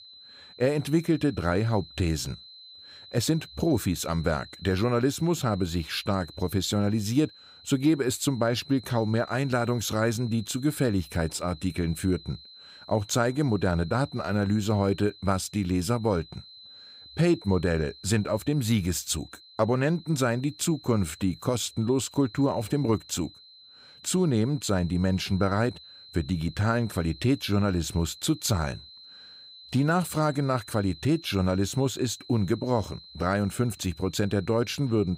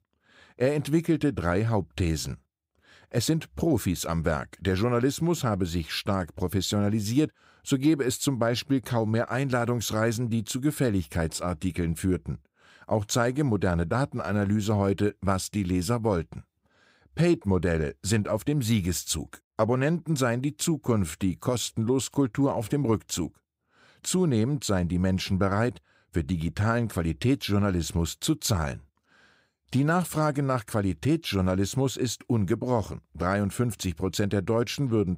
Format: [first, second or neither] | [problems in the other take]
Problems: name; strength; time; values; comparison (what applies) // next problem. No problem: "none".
second | high-pitched whine; noticeable; throughout; 4 kHz, 20 dB below the speech